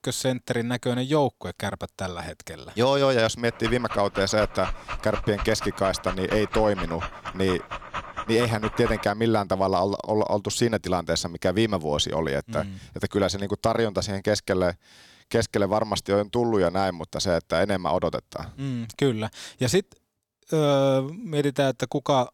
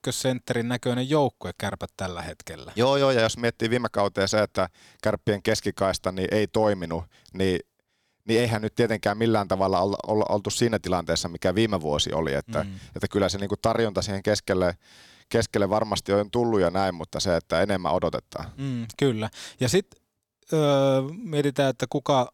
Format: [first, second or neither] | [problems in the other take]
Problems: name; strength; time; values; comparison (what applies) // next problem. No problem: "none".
second | dog barking; noticeable; from 3.5 to 9 s; peak 8 dB below the speech